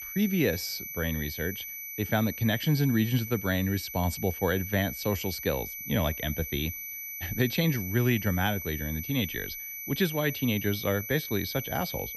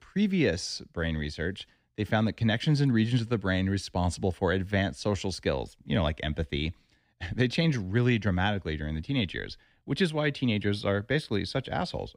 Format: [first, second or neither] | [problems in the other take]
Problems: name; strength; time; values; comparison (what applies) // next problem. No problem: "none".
second | high-pitched whine; loud; throughout; 2.5 kHz, 7 dB below the speech